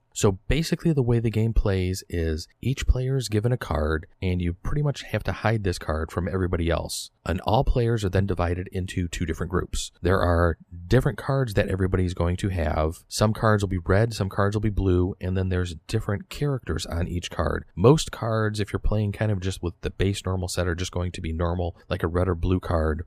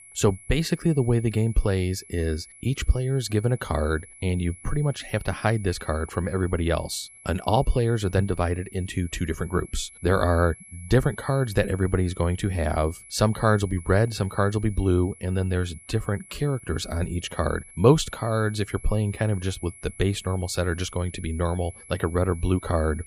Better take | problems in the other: first | high-pitched whine; noticeable; throughout; 11 kHz, 20 dB below the speech

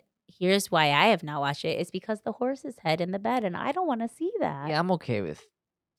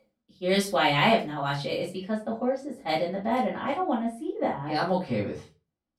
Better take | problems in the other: first | off-mic speech; far // room echo; slight; dies away in 0.3 s

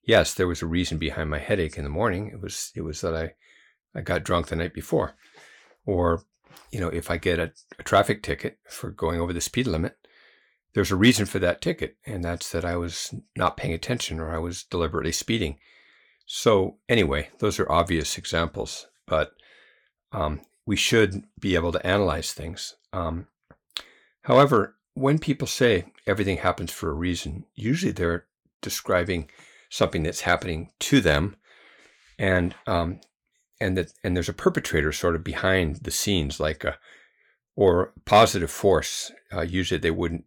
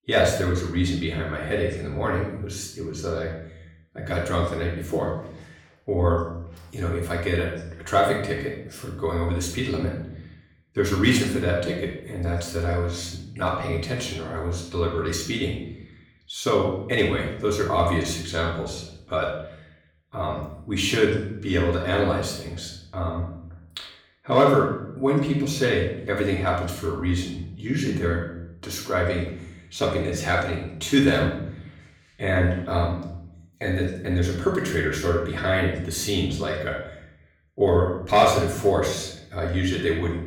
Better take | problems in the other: first | off-mic speech; far // room echo; noticeable; dies away in 0.6 s

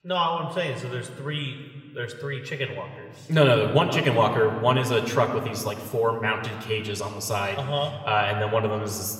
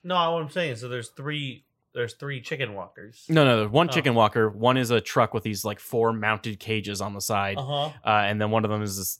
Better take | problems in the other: second | room echo; slight; dies away in 1.5 s // off-mic speech; somewhat distant

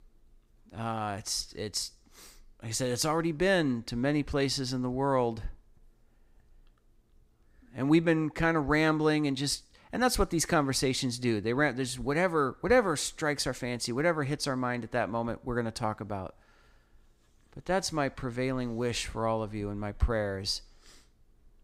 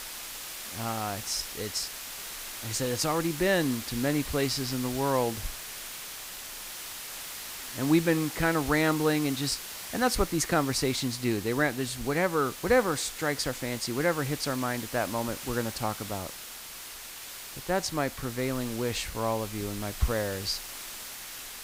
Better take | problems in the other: first | hiss; loud; throughout; 9 dB below the speech

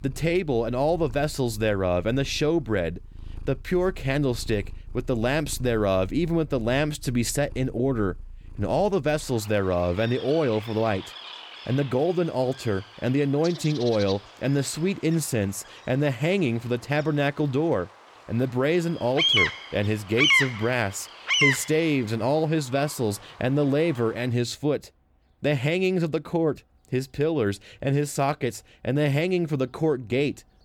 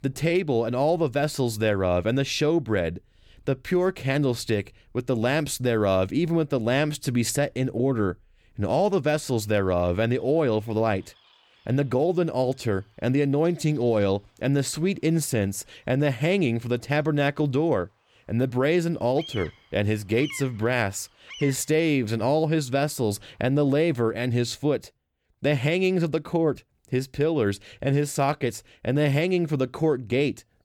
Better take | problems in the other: second | animal sounds; loud; throughout; 1 dB below the speech; faint in the second

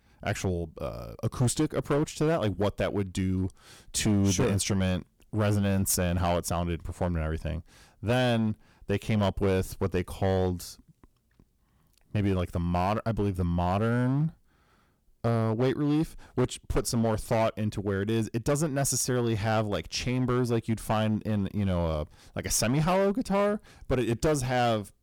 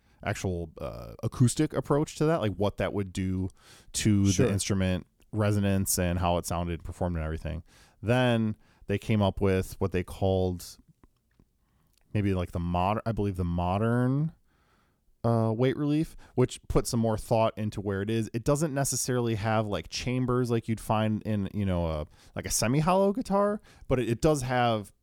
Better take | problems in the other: second | distortion; slight; 7% of the sound clipped

